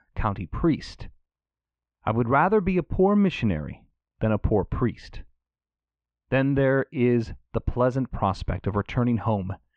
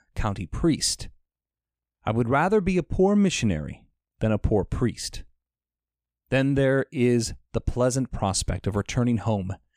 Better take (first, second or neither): second